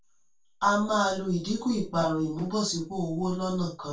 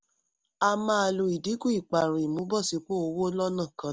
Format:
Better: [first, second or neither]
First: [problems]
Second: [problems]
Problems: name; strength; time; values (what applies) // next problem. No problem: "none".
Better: second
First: room echo; dies away in 0.2 s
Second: none